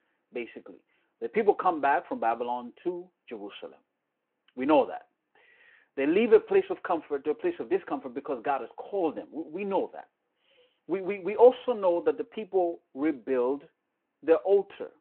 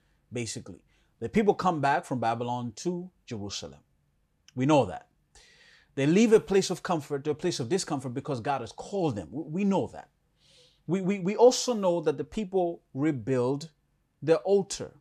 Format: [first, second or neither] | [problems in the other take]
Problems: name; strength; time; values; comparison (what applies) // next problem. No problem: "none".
second | phone-call audio